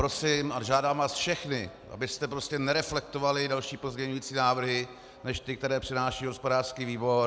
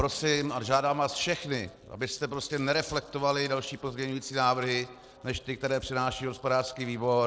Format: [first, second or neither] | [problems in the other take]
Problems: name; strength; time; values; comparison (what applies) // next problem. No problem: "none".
first | noise reduction (neural separator model SepFormer DNS4)